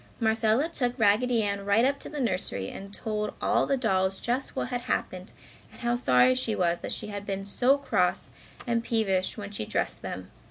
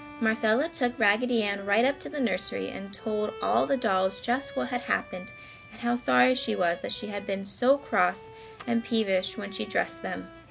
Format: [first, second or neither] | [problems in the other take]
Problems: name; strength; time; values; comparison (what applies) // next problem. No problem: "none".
first | background sound (Bowed string instrument); 18 dB below the speech